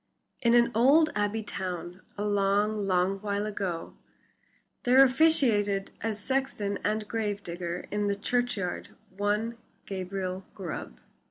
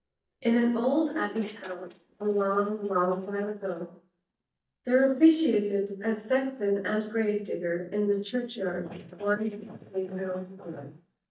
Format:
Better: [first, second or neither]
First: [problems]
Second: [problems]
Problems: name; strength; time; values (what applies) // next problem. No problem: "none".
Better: first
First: none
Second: noise reduction (neural mask model DeepFilterNet 3)